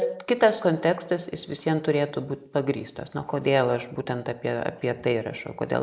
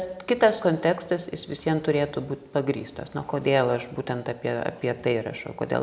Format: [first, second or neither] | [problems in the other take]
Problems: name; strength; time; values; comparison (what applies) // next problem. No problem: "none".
second | noise reduction (neural mask model Resemble Enhance denoiser)